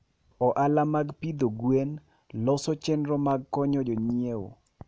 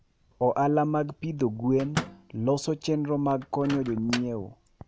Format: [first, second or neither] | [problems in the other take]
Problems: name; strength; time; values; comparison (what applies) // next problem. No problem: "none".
first | background sound (Microwave oven); 13 dB below the speech